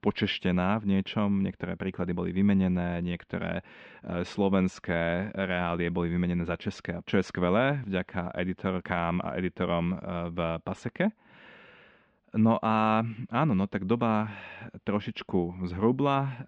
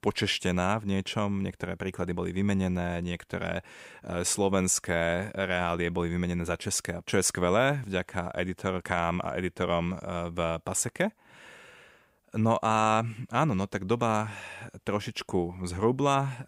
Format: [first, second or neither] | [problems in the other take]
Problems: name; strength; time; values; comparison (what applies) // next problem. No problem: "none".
second | muffled; very; fading above 4 kHz